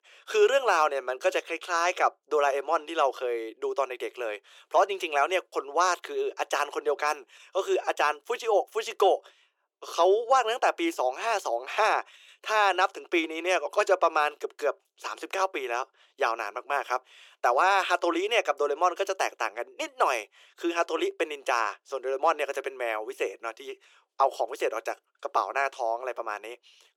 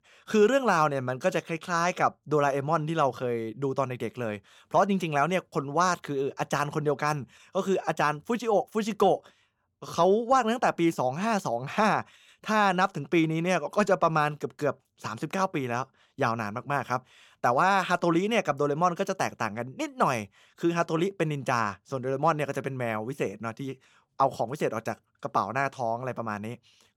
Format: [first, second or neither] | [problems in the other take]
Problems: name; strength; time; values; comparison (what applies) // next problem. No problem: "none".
second | thin; very; fading below 350 Hz